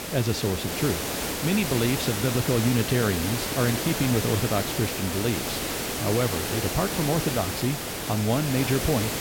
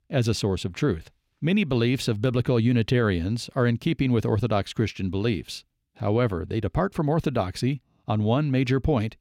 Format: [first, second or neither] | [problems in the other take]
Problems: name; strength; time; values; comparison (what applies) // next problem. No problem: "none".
second | hiss; loud; throughout; 2 dB below the speech